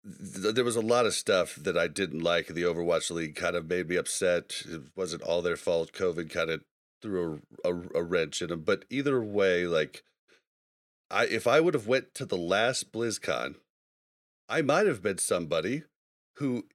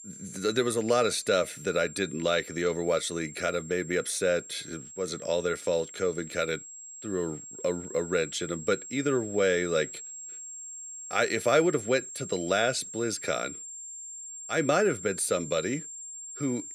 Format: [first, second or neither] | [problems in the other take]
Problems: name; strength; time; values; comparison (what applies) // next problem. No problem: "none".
first | high-pitched whine; noticeable; throughout; 7.5 kHz, 10 dB below the speech